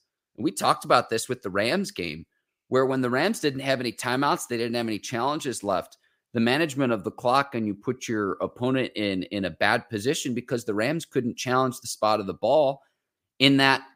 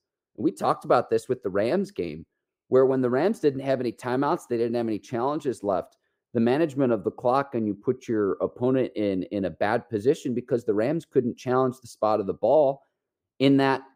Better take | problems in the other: first | muffled; slightly; fading above 1.5 kHz

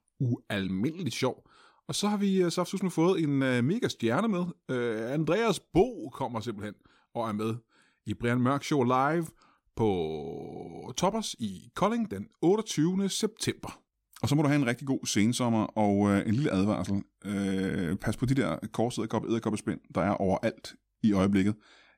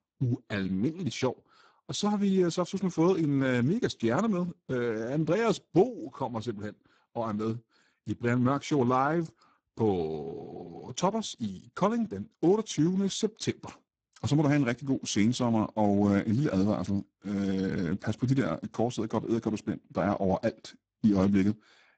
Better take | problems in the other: first | garbled, watery; badly; nothing above 7.5 kHz

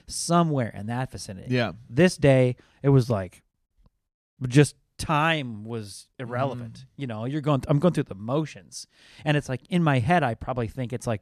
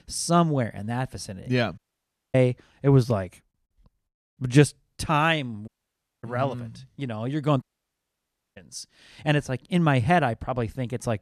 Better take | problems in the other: first | audio cutting out; at 2 s for 0.5 s, at 5.5 s for 0.5 s and at 7.5 s for 1 s

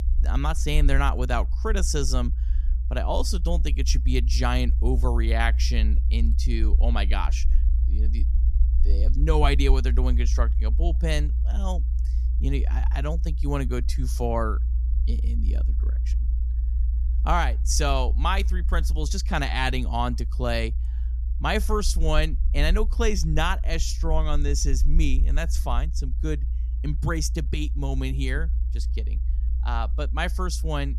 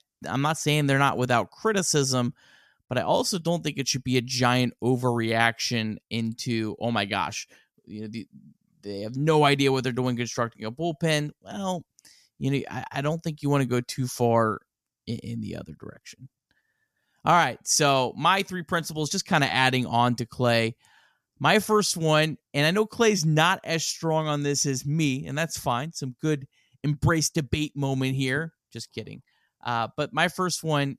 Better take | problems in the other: second | low rumble; noticeable; throughout; 15 dB below the speech

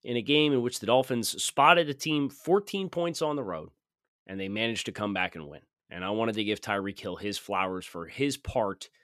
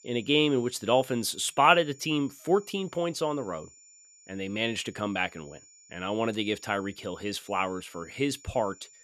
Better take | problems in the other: first | high-pitched whine; faint; throughout; 7 kHz, 25 dB below the speech

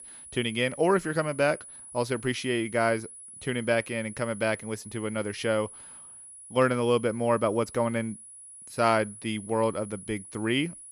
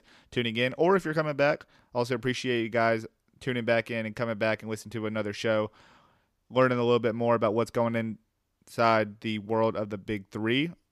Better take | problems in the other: second | high-pitched whine; noticeable; throughout; 10 kHz, 15 dB below the speech

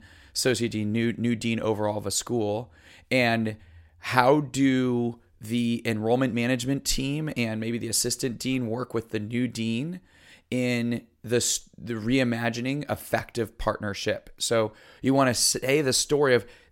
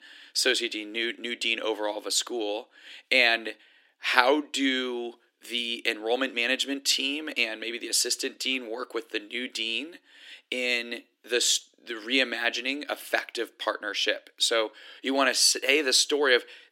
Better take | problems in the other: first | thin; somewhat; fading below 300 Hz

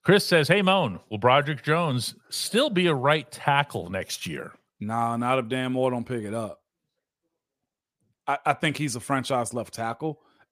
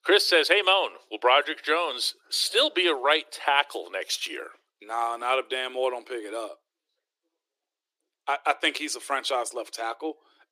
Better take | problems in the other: first | thin; very; fading below 300 Hz

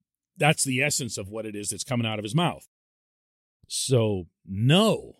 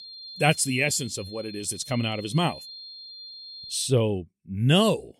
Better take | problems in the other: first | high-pitched whine; noticeable; until 4 s; 4 kHz, 15 dB below the speech

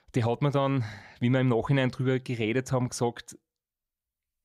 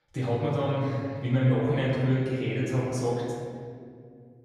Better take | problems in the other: first | off-mic speech; far // room echo; noticeable; dies away in 2 s

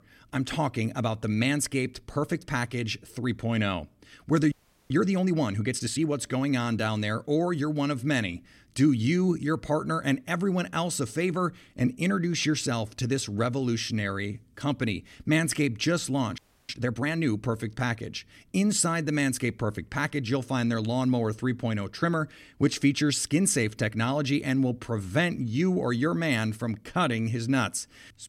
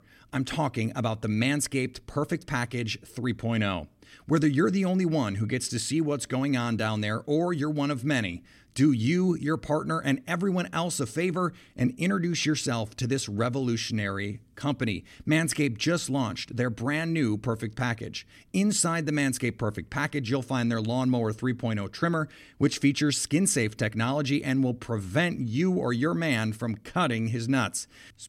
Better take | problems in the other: second | audio freezing; at 4.5 s and at 16 s

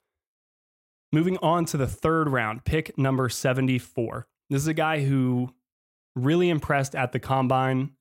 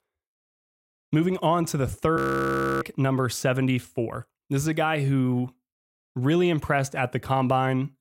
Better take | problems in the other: first | audio freezing; at 2 s for 0.5 s

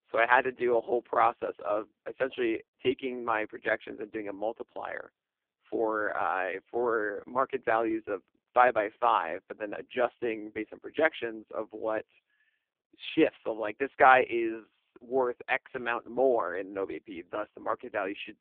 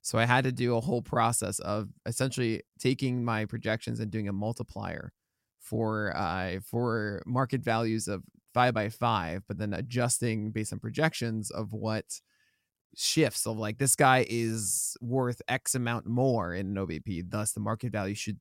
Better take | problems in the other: second | phone-call audio; poor line

